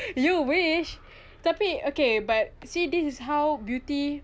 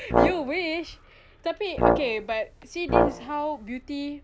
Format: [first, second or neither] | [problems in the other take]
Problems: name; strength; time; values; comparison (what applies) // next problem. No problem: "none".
first | background sound (Brass instrument); 5 dB above the speech